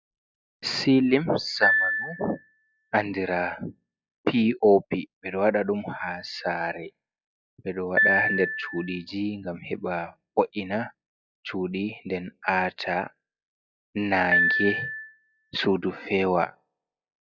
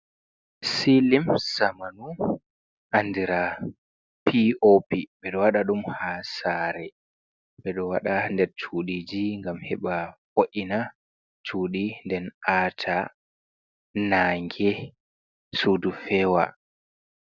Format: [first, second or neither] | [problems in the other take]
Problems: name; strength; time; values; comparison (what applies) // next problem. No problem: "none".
second | noise reduction (classical method log-MMSE)